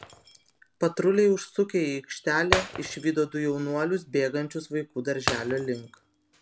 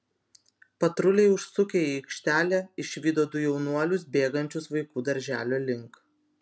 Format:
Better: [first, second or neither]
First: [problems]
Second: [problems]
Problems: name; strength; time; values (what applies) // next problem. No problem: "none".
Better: second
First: background sound (Shatter); 9 dB below the speech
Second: none